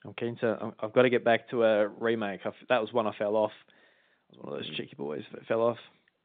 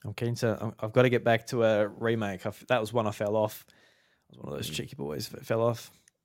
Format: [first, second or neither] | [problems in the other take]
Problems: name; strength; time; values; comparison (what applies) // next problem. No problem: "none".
second | phone-call audio; nothing above 3.5 kHz